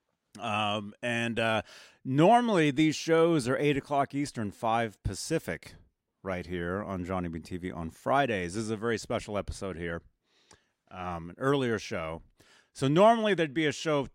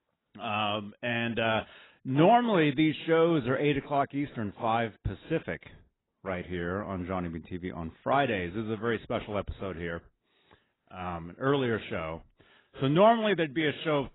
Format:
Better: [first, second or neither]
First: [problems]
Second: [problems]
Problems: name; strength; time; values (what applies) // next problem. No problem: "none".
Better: first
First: none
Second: garbled, watery; badly; nothing above 3.5 kHz